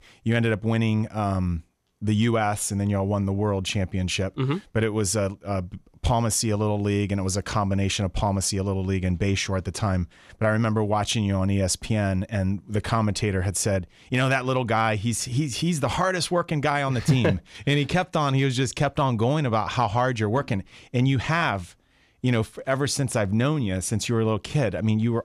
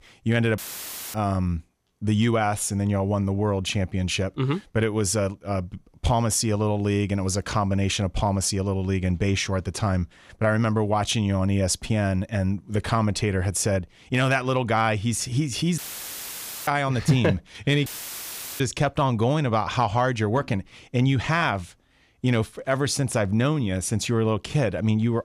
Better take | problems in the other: first | audio cutting out; filled with static; at 0.5 s for 0.5 s, at 16 s for 1 s and at 18 s for 0.5 s

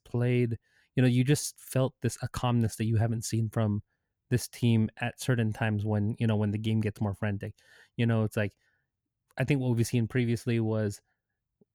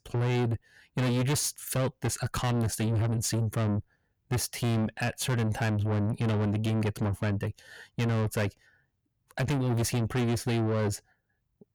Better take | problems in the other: first | distortion; heavy; 7 dB below the speech

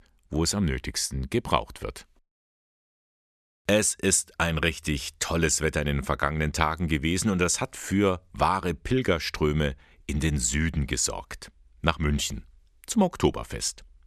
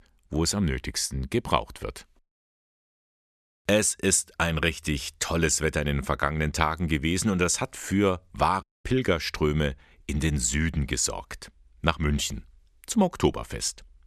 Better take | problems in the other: first | audio cutting out; at 8.5 s

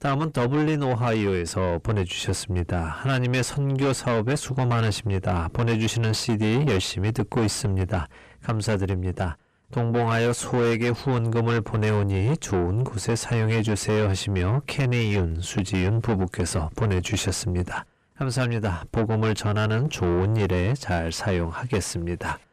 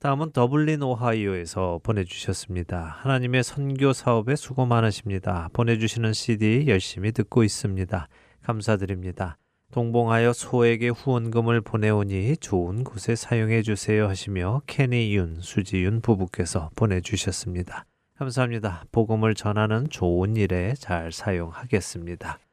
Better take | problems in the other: second | distortion; heavy; 5 dB below the speech

